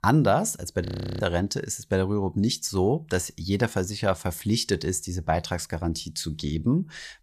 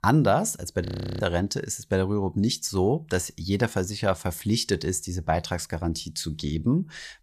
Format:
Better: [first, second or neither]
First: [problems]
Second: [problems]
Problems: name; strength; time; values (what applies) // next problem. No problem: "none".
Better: neither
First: audio freezing; at 1 s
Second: audio freezing; at 1 s